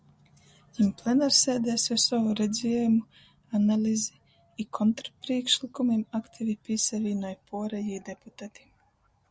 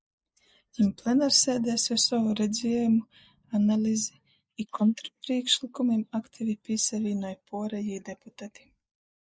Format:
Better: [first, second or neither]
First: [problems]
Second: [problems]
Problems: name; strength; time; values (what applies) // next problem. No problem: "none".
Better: first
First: none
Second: noise reduction (neural mask model Resemble Enhance denoiser)